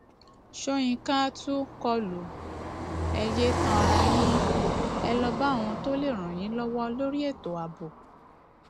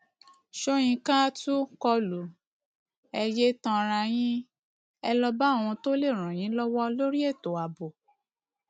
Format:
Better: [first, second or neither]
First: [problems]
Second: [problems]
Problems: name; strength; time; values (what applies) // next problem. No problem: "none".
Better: second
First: background sound (Car passing by); as loud as the speech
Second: none